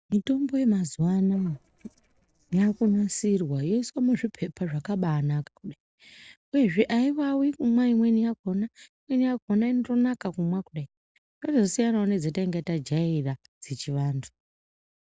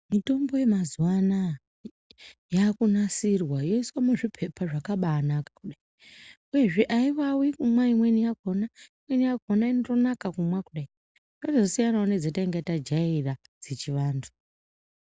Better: second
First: noise reduction (neural separator model SepFormer DNS4)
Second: none

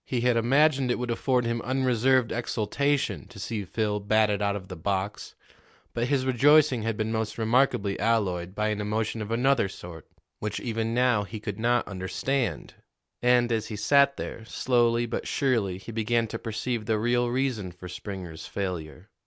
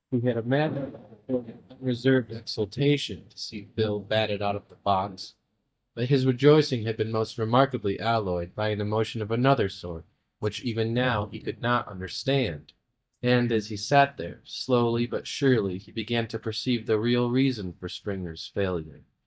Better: first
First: none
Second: noise reduction (neural mask model DeepFilterNet 3)

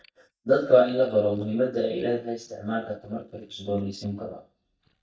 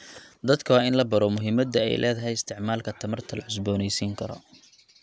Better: second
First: noise reduction (neural mask model DeepFilterNet 3)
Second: none

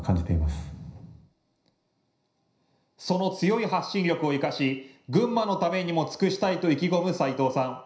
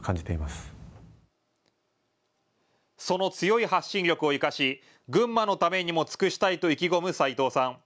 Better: second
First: room echo; dies away in 0.5 s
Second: none

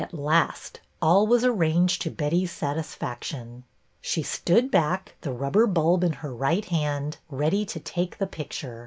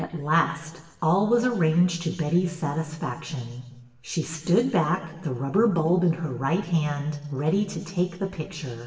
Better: first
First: none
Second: room echo; dies away in 1.2 s

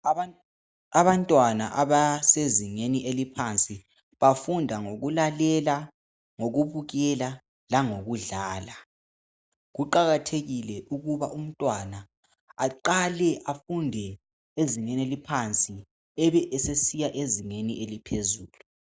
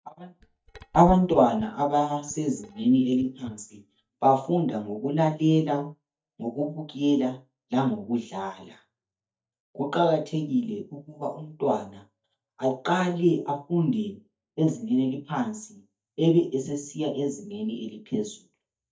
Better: first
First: none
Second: noise reduction (neural mask model DeepFilterNet 3)

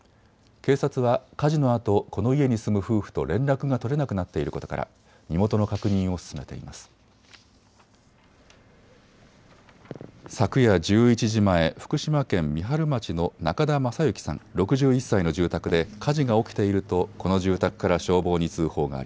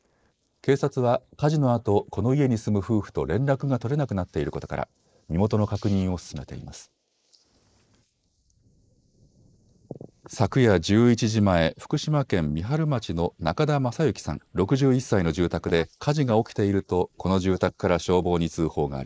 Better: first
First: none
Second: noise reduction (neural mask model Resemble Enhance denoiser)

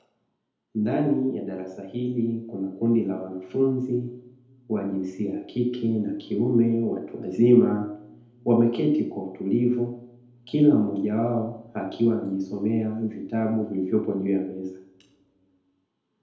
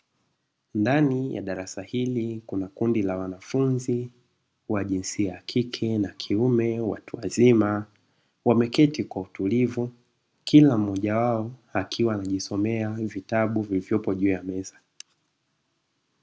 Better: second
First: room echo; dies away in 2.1 s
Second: none

